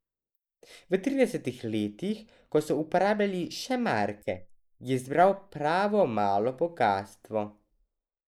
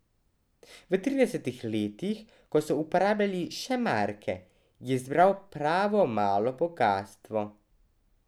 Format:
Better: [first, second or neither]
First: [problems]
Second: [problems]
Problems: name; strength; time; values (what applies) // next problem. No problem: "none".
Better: second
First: noise reduction (neural mask model Resemble Enhance denoiser)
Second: none